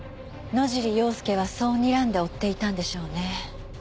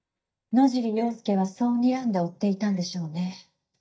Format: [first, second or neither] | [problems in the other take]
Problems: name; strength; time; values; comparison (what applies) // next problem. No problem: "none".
first | noise reduction (neural mask model DeepFilterNet 3)